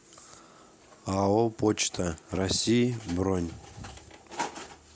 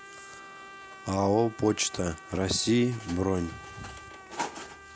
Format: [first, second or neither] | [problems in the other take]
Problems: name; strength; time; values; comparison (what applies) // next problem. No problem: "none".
first | background sound (Trumpet); 18 dB below the speech